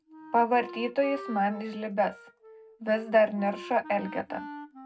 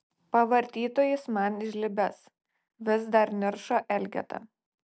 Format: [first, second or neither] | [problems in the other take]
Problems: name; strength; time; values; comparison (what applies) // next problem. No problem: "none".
second | background sound (Wind instrument, woodwind instrument); 15 dB below the speech // room echo; dies away in 0.3 s